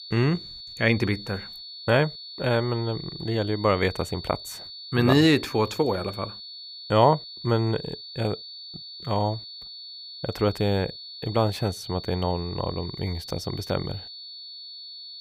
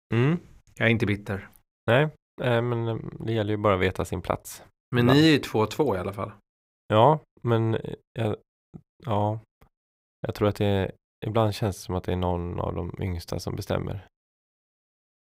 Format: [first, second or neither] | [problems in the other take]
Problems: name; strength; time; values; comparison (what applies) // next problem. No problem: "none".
second | high-pitched whine; noticeable; throughout; 4.5 kHz, 10 dB below the speech